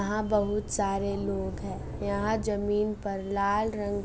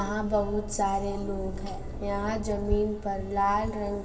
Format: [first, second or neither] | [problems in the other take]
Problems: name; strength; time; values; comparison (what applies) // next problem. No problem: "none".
first | background sound (Bicycle); 11 dB below the speech // room echo; dies away in 2 s